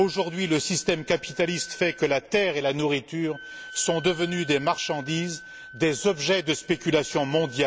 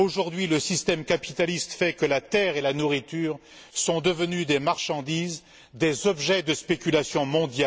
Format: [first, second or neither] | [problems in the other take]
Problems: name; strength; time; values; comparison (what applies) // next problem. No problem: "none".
second | background sound (Wind instrument, woodwind instrument); 19 dB below the speech